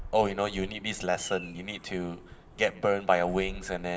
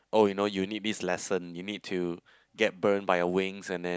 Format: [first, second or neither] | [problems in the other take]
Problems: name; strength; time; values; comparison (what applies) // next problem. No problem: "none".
second | background sound (Bird vocalization, bird call, bird song); 15 dB below the speech // room echo; dies away in 0.5 s